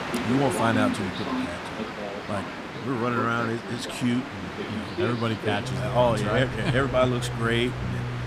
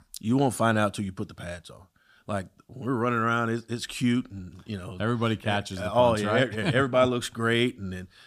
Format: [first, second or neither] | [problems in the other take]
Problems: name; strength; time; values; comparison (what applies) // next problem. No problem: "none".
second | train or aircraft noise; loud; throughout; 4 dB below the speech